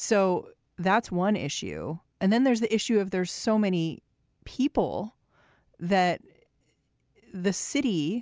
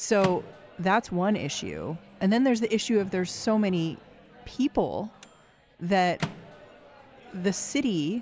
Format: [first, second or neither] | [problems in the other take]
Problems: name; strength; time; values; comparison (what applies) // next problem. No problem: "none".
first | background sound (Microwave oven); 16 dB below the speech